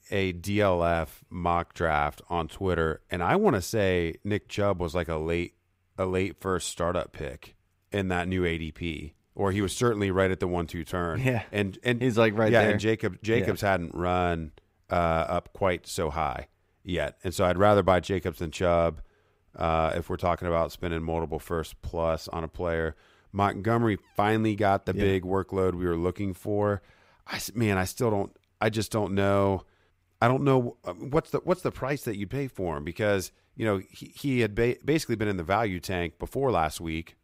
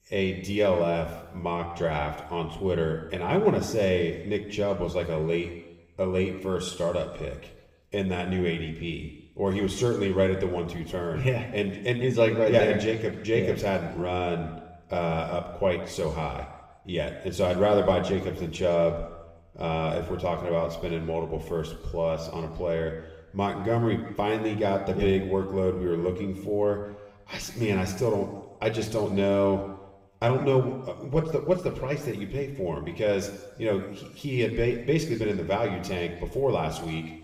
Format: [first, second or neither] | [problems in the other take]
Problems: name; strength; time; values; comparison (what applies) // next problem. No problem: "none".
first | room echo; slight; dies away in 1.1 s // off-mic speech; somewhat distant